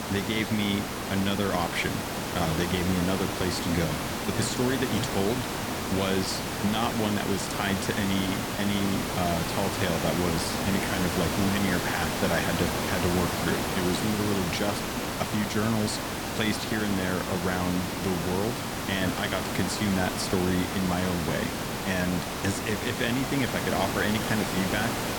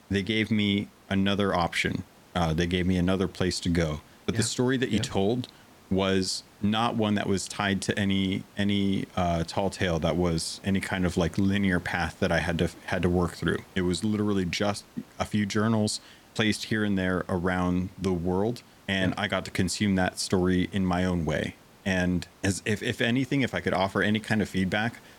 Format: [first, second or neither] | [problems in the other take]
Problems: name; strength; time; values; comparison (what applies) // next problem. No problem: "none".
second | hiss; loud; throughout; 1 dB below the speech; faint in the second